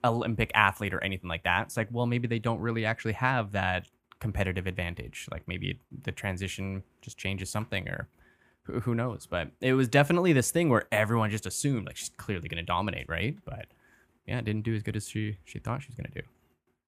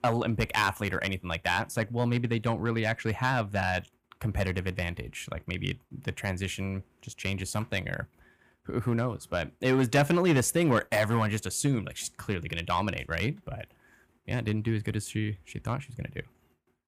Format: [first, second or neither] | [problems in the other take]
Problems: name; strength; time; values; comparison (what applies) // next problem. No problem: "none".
first | distortion; slight; 1.8% of the sound clipped